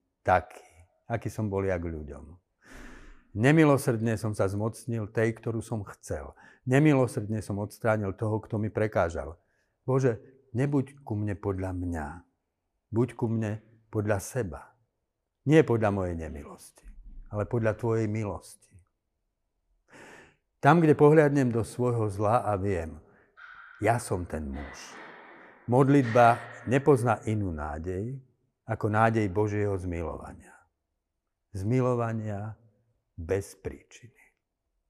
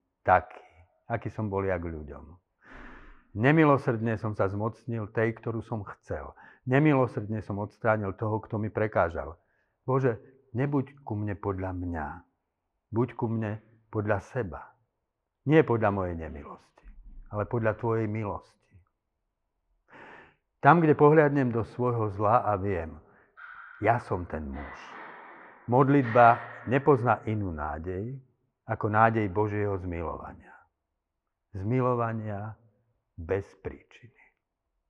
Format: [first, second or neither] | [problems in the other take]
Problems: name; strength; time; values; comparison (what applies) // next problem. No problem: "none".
first | muffled; very; fading above 2.5 kHz